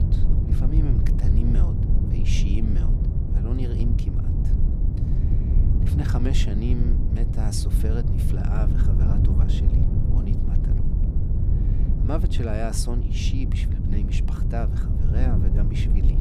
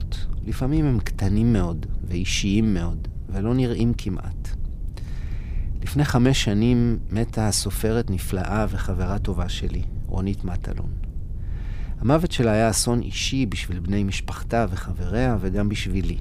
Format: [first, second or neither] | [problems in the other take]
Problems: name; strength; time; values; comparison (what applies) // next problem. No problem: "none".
second | low rumble; loud; throughout; 1 dB below the speech; faint in the second